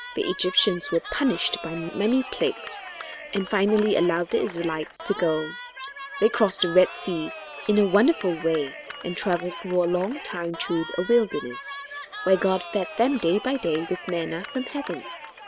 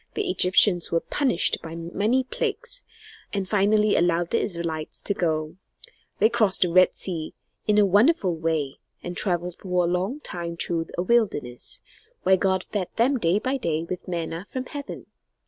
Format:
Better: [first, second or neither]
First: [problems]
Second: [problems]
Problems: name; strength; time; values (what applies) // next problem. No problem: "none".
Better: second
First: background sound (Cheering); 12 dB below the speech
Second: none